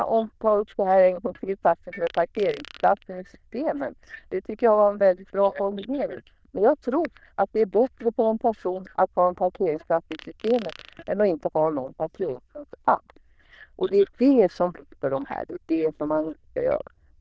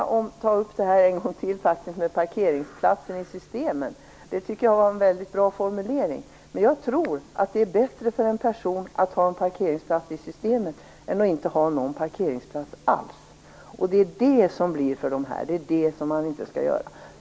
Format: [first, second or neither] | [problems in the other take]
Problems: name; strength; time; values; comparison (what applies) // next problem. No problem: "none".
second | noise reduction (neural diffusion model UNIVERSE++)